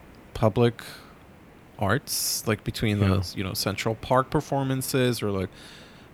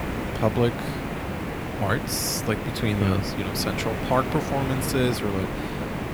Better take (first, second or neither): first